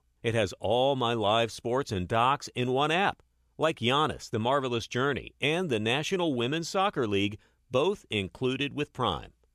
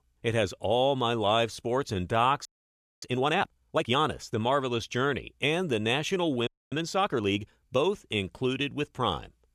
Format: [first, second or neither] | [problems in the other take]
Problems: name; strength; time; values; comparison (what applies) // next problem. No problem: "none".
first | audio freezing; at 2.5 s for 0.5 s and at 6.5 s